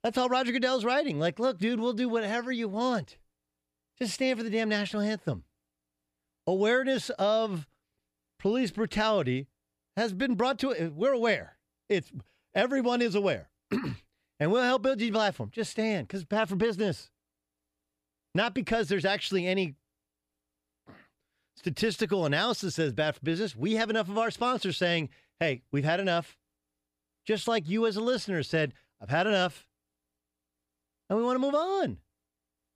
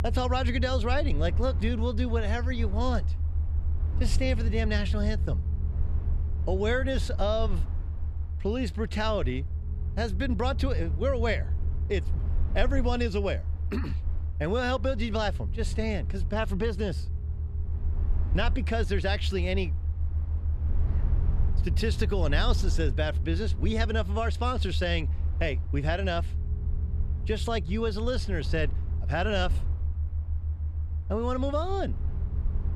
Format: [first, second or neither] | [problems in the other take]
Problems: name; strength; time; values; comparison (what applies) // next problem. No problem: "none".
first | low rumble; noticeable; throughout; 15 dB below the speech